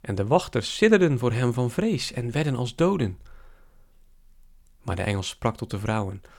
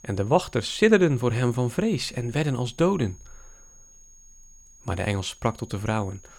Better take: first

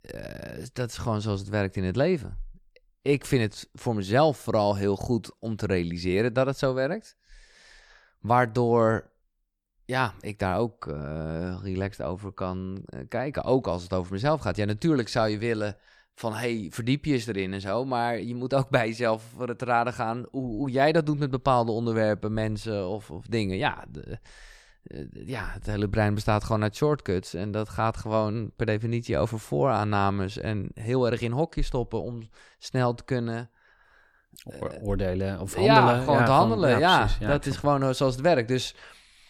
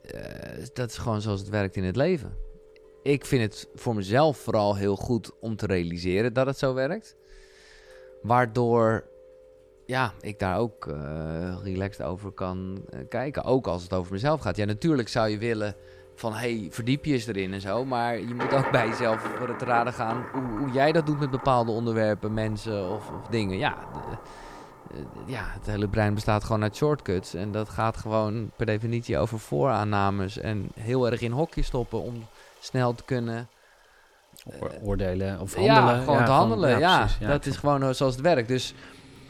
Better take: first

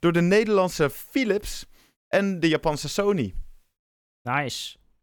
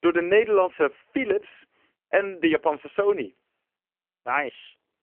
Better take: first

